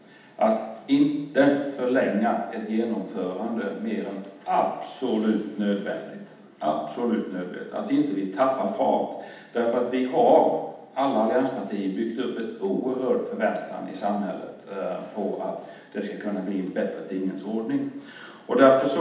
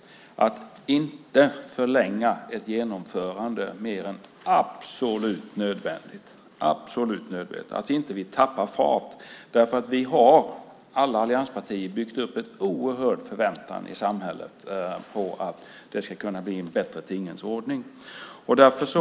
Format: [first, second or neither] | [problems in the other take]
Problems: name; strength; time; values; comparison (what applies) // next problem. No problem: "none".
second | room echo; dies away in 0.8 s